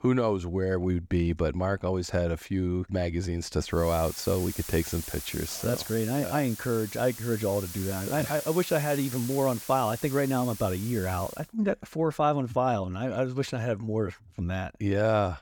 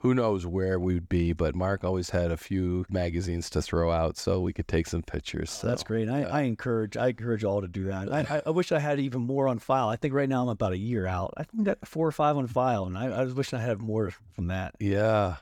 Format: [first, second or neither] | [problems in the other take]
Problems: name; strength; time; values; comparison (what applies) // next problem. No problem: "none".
second | hiss; loud; from 4 to 11 s; 10 dB below the speech